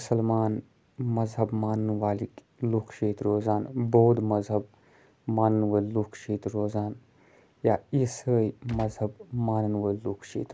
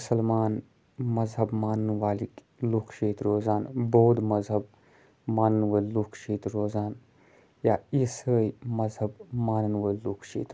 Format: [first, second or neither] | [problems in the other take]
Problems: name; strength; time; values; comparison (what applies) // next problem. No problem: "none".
second | background sound (Gunshot, gunfire); 13 dB below the speech